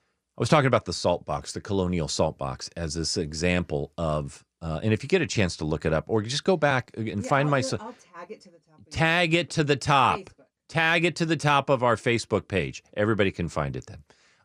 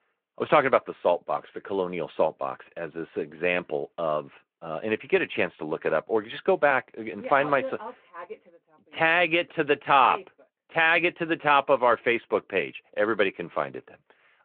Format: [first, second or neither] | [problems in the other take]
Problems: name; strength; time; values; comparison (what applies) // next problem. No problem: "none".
first | phone-call audio